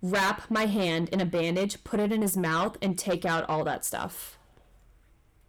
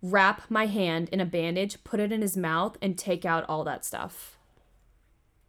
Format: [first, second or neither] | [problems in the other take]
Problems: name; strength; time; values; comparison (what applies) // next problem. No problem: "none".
second | distortion; heavy; 7 dB below the speech